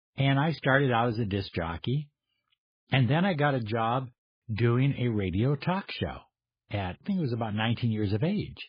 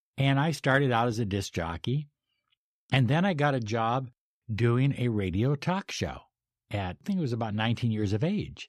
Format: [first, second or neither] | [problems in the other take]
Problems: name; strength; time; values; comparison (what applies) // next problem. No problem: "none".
second | garbled, watery; badly